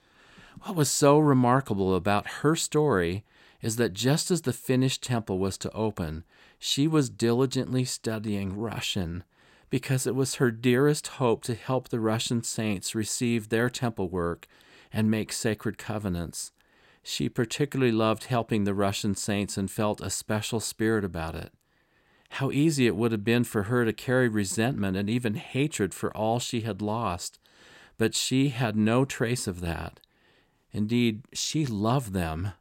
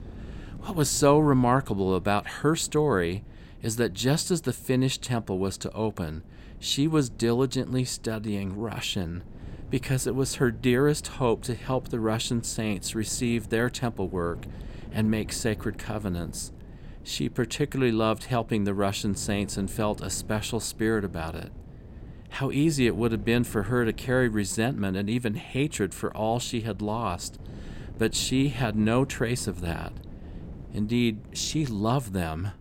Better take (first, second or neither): first